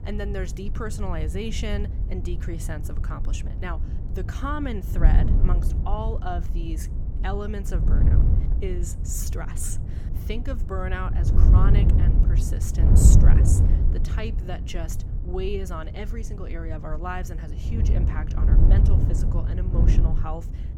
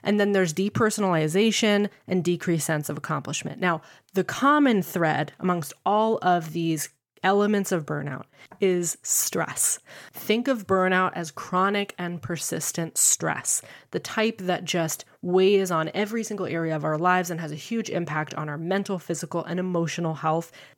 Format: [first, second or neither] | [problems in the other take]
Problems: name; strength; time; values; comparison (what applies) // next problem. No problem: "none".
second | wind noise on the microphone; heavy; 3 dB below the speech